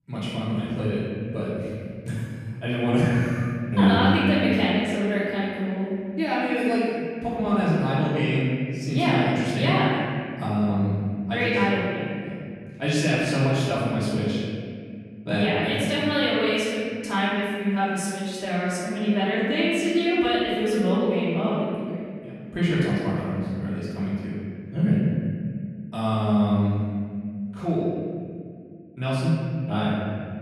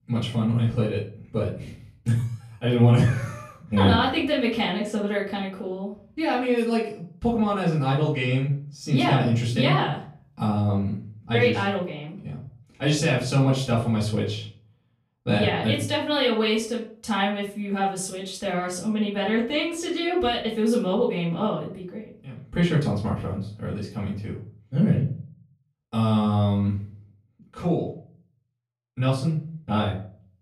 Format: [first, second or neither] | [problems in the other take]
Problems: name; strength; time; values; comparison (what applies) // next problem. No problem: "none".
second | room echo; strong; dies away in 2.2 s; slight in the second // off-mic speech; far; far in the second